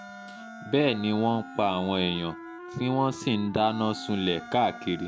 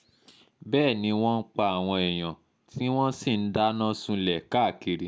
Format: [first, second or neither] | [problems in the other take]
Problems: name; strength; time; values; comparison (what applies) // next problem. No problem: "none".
second | background sound (Wind instrument, woodwind instrument + Wind instrument, woodwind instrument); 14 dB below the speech